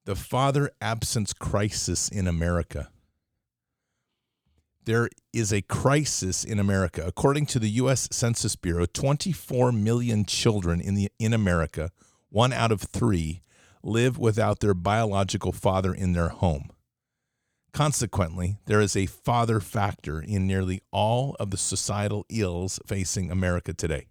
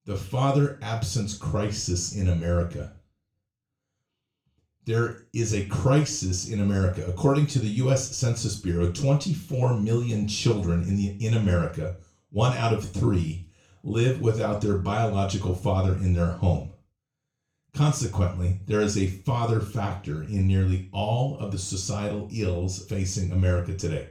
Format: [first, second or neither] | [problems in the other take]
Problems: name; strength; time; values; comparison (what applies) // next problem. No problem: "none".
first | room echo; slight; dies away in 0.3 s // off-mic speech; far